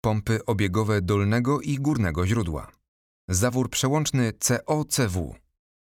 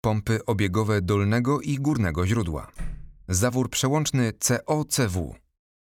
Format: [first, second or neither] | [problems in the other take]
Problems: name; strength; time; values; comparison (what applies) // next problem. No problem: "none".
first | door banging; faint; at 3 s; peak 15 dB below the speech